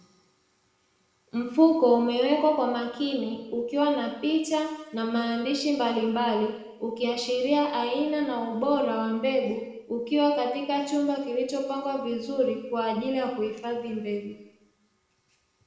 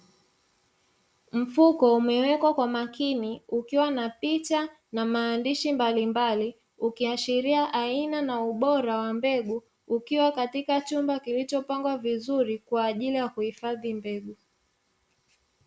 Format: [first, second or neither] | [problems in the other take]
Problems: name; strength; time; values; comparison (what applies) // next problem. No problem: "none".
second | room echo; dies away in 1 s